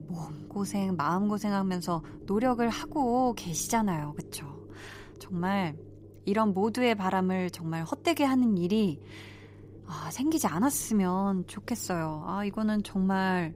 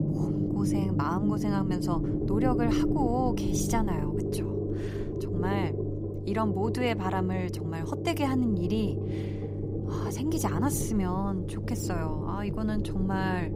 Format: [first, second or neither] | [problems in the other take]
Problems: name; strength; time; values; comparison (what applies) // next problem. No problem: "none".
first | low rumble; loud; throughout; 3 dB below the speech; faint in the first